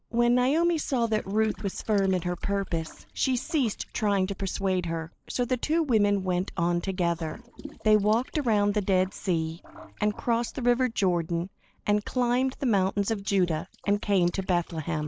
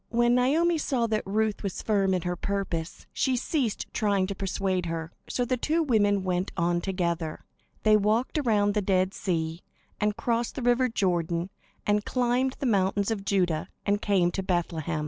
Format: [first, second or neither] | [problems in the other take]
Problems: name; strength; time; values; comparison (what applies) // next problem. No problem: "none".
second | noise reduction (neural mask model Resemble Enhance denoiser)